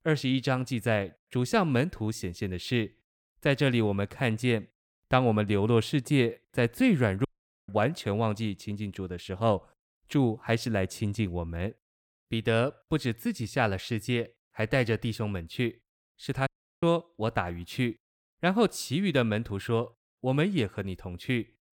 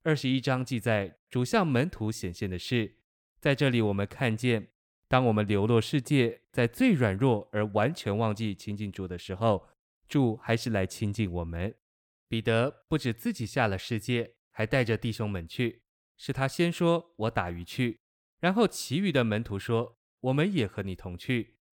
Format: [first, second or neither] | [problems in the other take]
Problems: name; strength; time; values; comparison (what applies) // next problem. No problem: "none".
second | audio cutting out; at 7.5 s and at 16 s